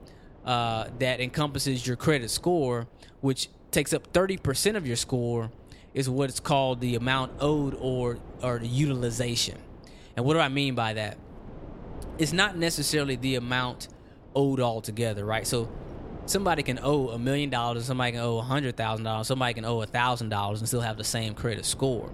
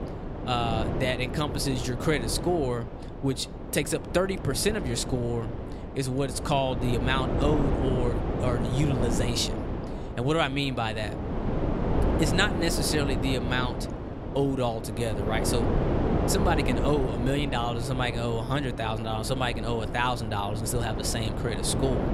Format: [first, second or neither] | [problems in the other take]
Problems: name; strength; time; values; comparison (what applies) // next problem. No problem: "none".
first | wind noise on the microphone; heavy; 5 dB below the speech; occasional gusts in the first